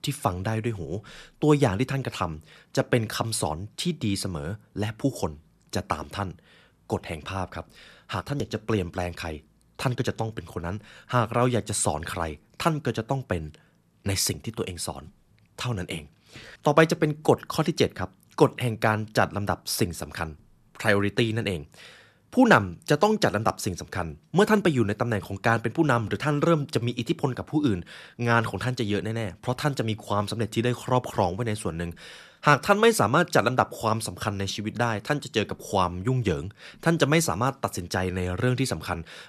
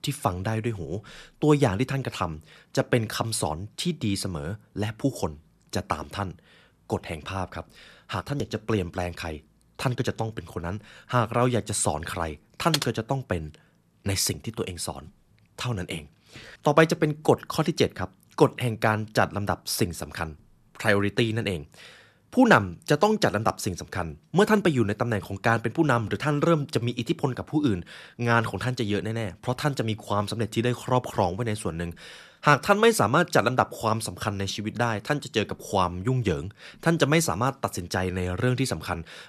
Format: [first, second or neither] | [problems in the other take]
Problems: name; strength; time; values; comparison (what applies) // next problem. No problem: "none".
first | keyboard typing; noticeable; at 13 s; peak 2 dB below the speech